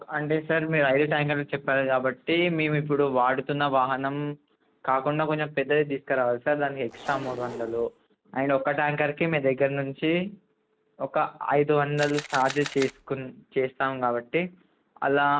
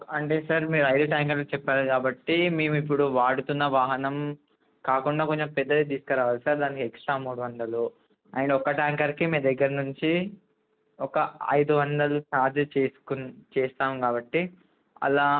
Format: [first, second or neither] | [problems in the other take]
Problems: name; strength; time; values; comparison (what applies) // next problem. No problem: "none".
second | background sound (Zipper (clothing) + Camera); 13 dB below the speech